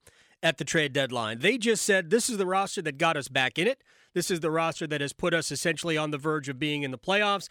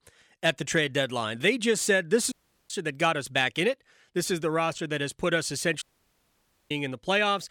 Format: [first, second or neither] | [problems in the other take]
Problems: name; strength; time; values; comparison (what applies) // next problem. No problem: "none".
first | audio cutting out; at 2.5 s and at 6 s for 1 s